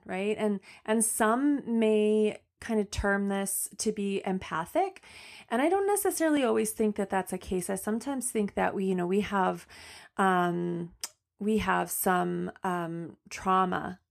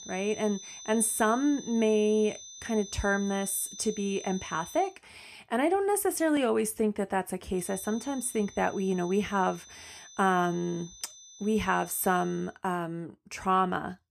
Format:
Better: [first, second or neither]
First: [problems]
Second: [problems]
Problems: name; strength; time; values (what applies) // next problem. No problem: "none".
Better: first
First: none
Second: high-pitched whine; noticeable; until 5 s and from 7.5 to 12 s; 6 kHz, 15 dB below the speech